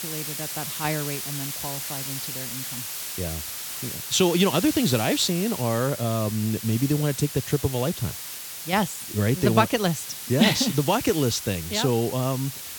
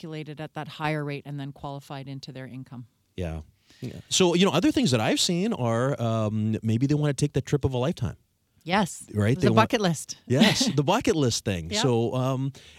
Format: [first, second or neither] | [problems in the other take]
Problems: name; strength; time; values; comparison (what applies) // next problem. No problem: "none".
second | hiss; loud; throughout; 7 dB below the speech